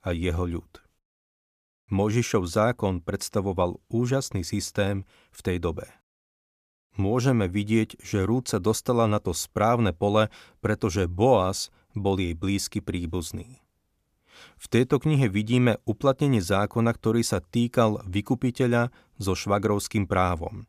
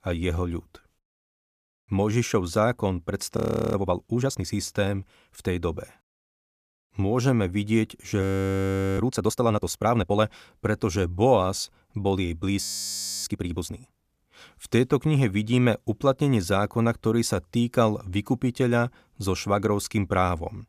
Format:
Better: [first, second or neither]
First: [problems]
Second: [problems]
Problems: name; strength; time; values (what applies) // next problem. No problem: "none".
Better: first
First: none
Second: audio freezing; at 3.5 s, at 8 s for 1 s and at 13 s for 0.5 s